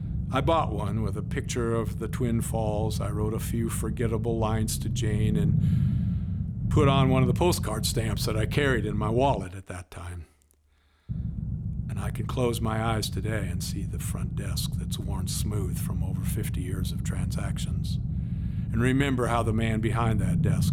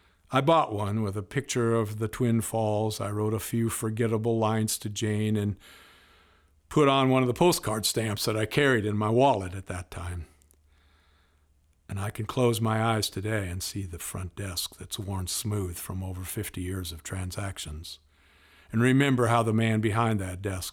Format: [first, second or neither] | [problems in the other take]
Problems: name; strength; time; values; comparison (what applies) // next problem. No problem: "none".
second | low rumble; noticeable; until 9.5 s and from 11 s on; 10 dB below the speech